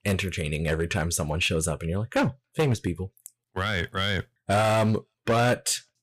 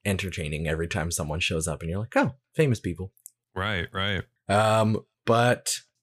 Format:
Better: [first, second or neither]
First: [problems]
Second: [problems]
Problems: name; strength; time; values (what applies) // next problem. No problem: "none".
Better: second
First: distortion; slight; 6% of the sound clipped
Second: none